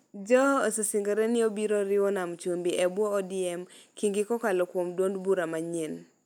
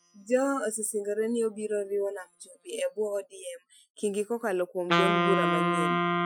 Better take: first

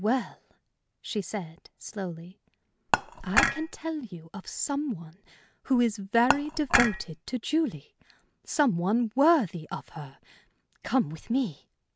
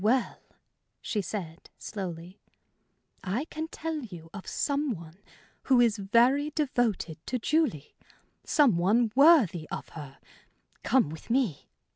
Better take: second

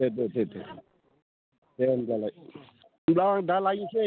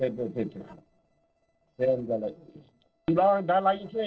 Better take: first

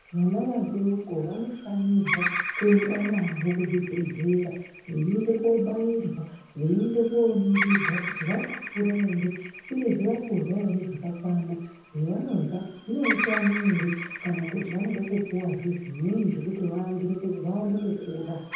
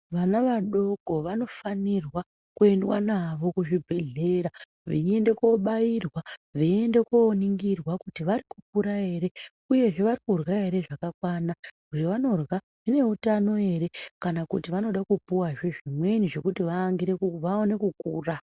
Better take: second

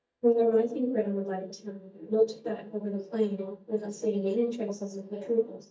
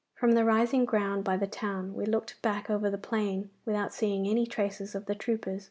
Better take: second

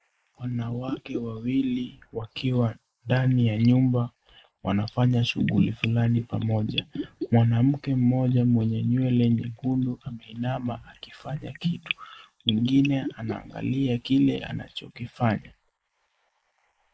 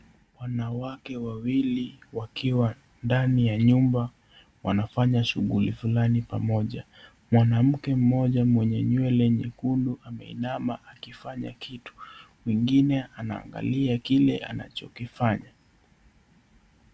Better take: second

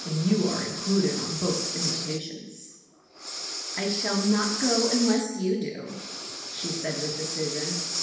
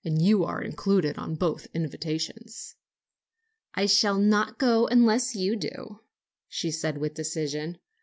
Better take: second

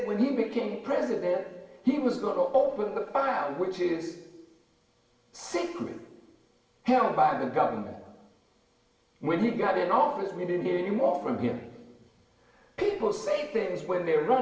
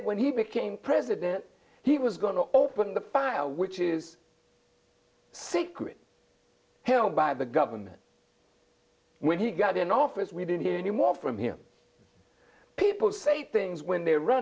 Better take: second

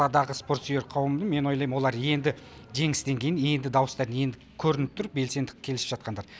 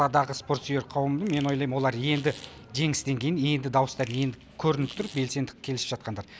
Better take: first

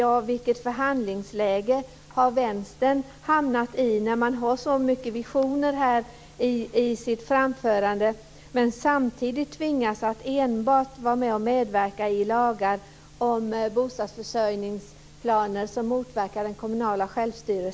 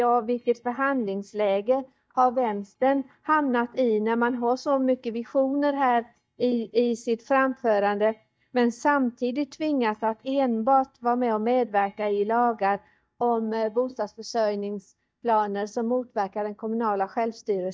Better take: first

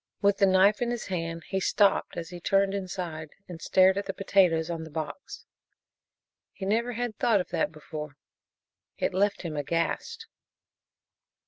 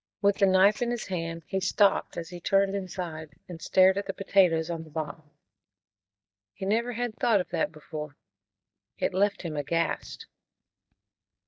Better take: first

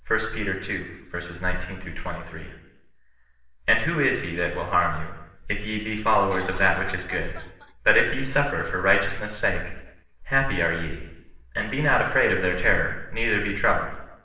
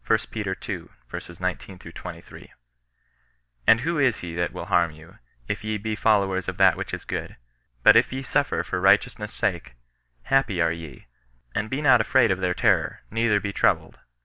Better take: second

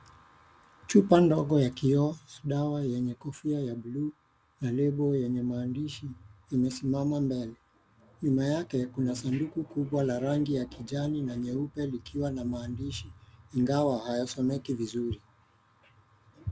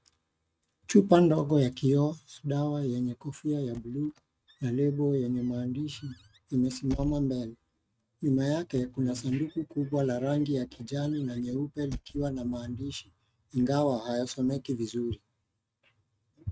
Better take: first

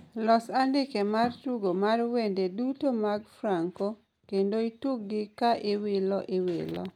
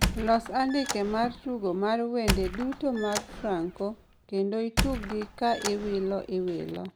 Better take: first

